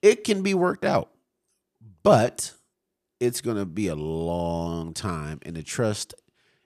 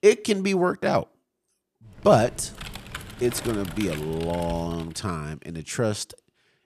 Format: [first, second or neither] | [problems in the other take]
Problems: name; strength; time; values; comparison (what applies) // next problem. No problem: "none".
first | keyboard typing; noticeable; from 2 to 5 s; peak 10 dB below the speech